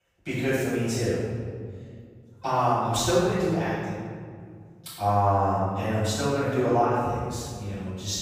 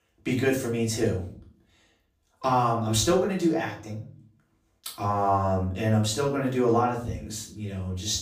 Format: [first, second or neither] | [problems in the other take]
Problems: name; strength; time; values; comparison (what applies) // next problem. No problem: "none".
second | room echo; strong; dies away in 1.9 s; slight in the second // off-mic speech; far; far in the second